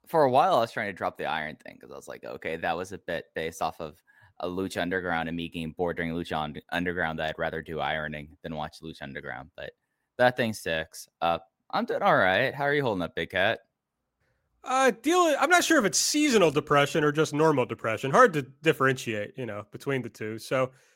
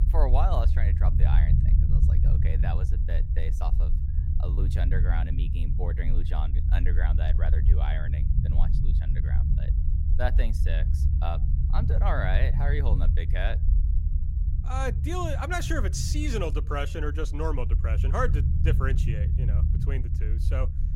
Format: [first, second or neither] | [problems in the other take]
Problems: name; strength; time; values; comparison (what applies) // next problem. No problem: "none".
first | low rumble; loud; throughout; 8 dB below the speech